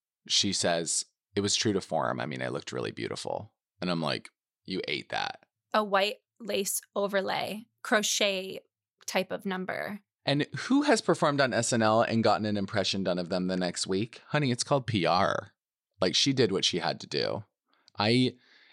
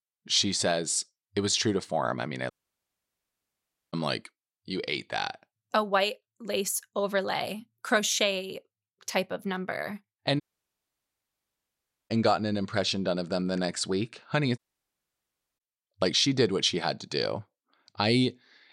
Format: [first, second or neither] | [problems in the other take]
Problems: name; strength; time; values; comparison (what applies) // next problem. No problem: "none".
first | audio cutting out; at 2.5 s for 1.5 s, at 10 s for 1.5 s and at 15 s for 1 s